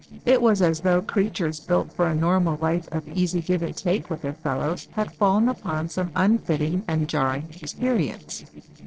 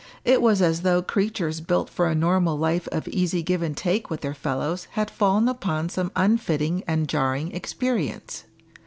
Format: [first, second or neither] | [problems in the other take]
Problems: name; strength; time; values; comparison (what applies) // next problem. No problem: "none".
second | noise reduction (neural separator model SepFormer DNS4)